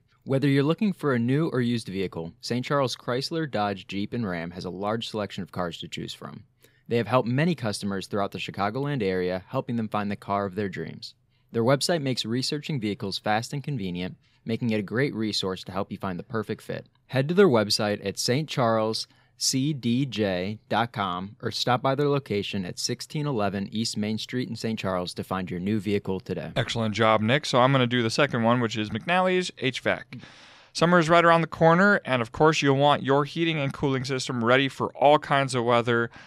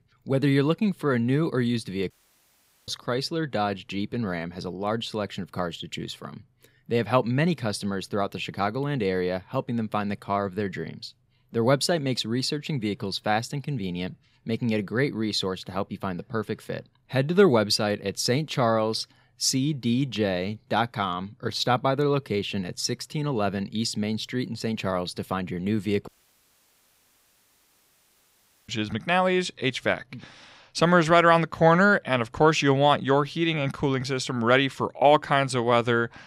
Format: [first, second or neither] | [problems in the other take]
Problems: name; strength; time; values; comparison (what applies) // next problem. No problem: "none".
first | audio cutting out; at 2 s for 1 s and at 26 s for 2.5 s